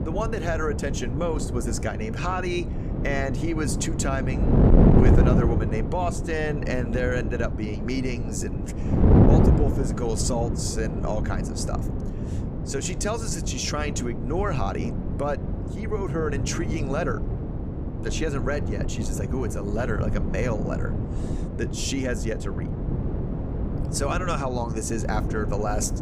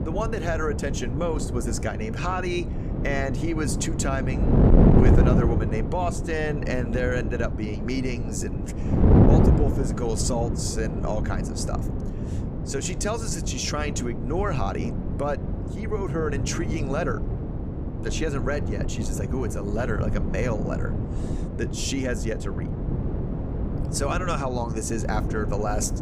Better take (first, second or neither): neither